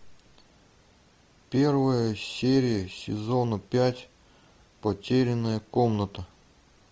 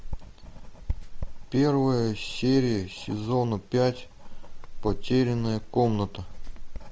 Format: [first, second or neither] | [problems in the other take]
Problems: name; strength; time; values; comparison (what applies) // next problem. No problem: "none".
first | background sound (Writing); 7 dB below the speech